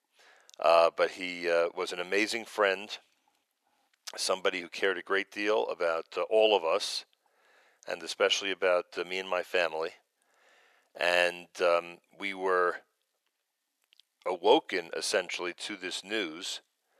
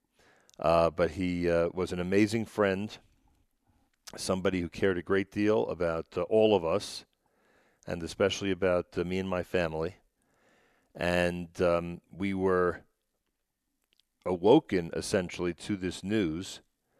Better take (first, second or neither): second